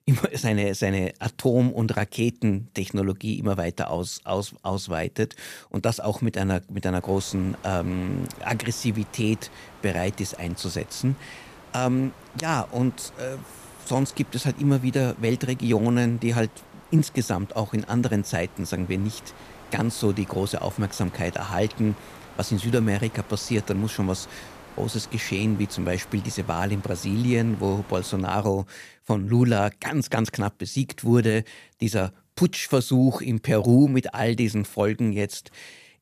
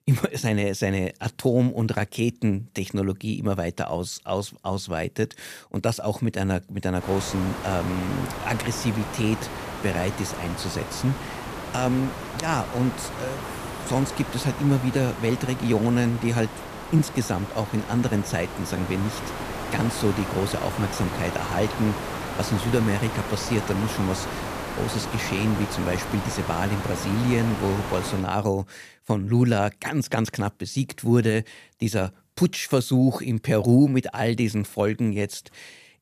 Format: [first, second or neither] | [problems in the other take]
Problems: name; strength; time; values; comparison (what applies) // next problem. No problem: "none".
first | hiss; loud; from 7 to 28 s; 7 dB below the speech; faint in the first